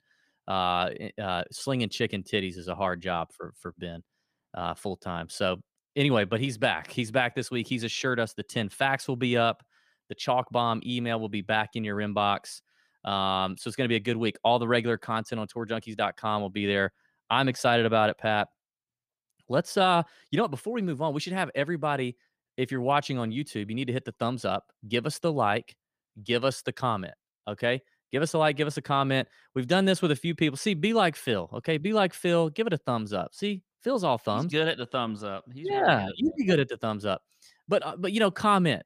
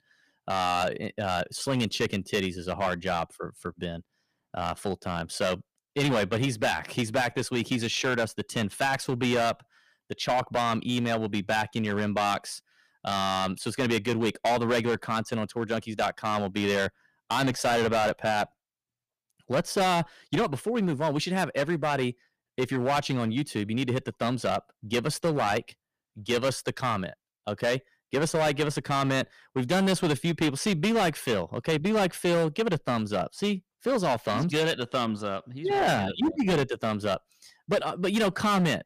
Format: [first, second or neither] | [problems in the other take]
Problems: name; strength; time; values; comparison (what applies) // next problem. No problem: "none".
first | distortion; heavy; 10% of the sound clipped